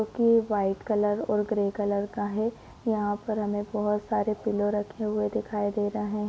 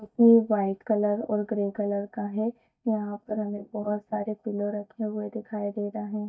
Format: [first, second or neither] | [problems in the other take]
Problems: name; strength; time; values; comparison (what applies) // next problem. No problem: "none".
first | noise reduction (neural mask model DeepFilterNet 3)